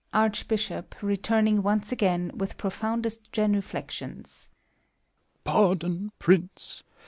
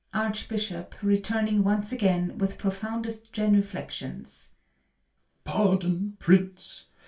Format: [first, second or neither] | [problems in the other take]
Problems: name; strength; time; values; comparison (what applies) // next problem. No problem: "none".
first | room echo; dies away in 0.2 s